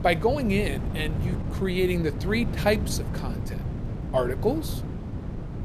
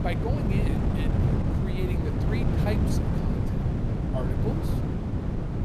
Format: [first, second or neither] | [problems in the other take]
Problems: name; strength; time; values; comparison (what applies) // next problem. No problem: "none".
first | wind noise on the microphone; heavy; 3 dB above the speech; occasional gusts in the first